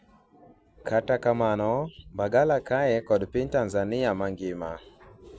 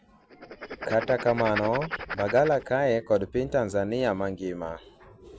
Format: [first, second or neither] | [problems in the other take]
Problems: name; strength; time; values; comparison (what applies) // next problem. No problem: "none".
first | background sound (Writing); 10 dB below the speech